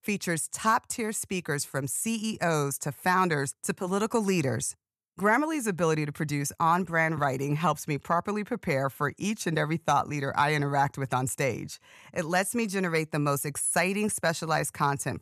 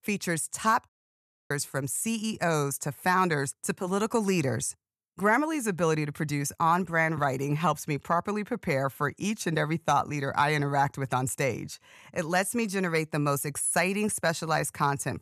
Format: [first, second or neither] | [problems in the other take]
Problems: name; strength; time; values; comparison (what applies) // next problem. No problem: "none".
first | audio cutting out; at 1 s for 0.5 s